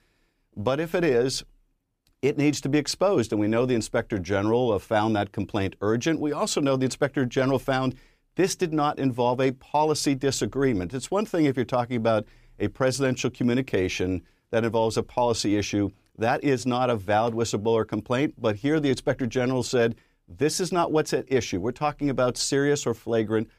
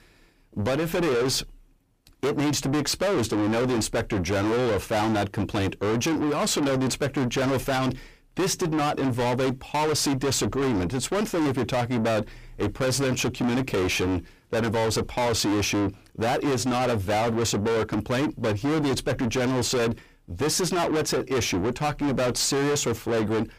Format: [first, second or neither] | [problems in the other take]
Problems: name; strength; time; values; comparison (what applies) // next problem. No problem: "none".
first | distortion; heavy; 6 dB below the speech